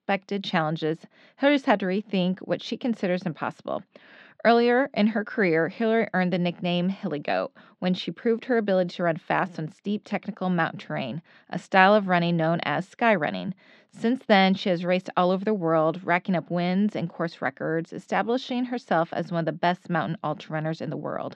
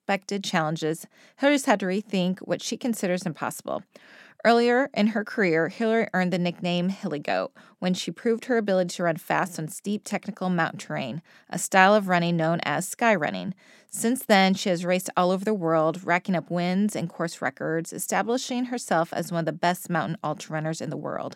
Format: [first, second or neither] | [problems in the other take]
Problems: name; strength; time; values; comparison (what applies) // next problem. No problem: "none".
second | muffled; slightly; fading above 4 kHz